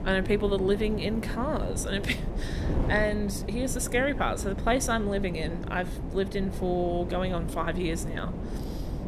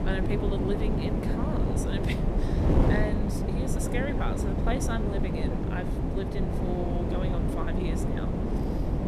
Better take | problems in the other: first | wind noise on the microphone; heavy; 2 dB above the speech; occasional gusts in the first

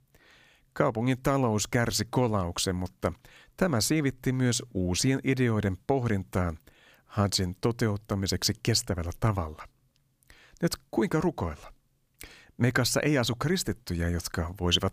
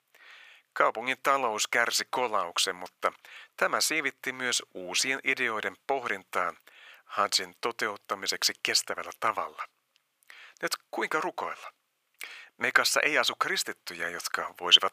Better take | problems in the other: first | thin; very; fading below 650 Hz

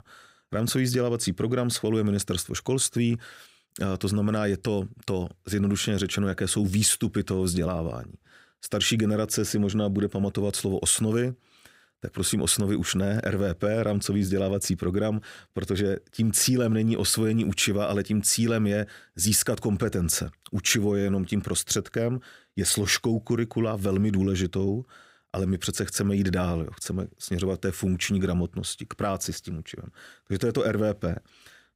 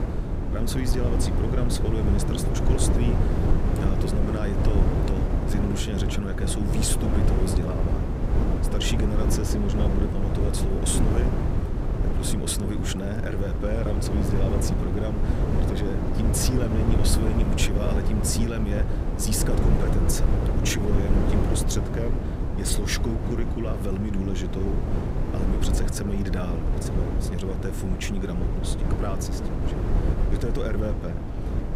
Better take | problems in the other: first | wind noise on the microphone; heavy; 1 dB below the speech

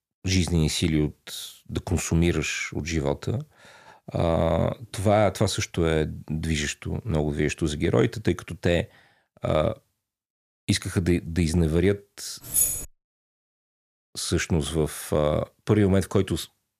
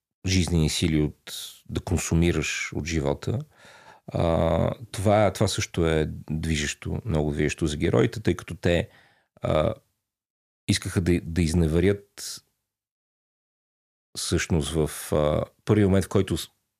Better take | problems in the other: second | jangling keys; loud; at 13 s; peak 4 dB above the speech

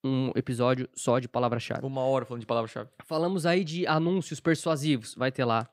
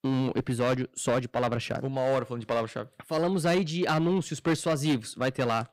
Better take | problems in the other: first | distortion; slight; 8% of the sound clipped

